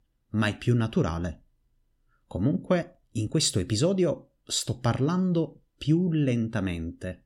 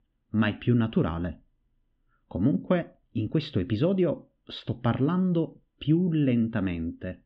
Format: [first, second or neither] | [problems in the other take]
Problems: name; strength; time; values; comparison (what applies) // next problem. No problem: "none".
first | muffled; very; fading above 3.5 kHz